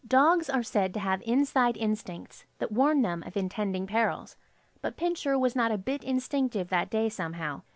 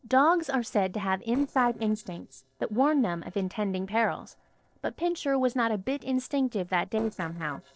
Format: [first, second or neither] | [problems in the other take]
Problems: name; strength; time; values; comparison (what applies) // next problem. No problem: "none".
first | noise reduction (neural separator model SepFormer DNS4)